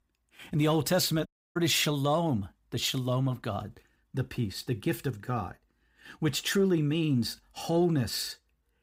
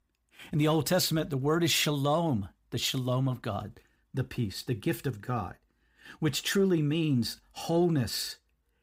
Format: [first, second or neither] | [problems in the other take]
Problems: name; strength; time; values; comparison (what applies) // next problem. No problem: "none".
second | audio cutting out; at 1.5 s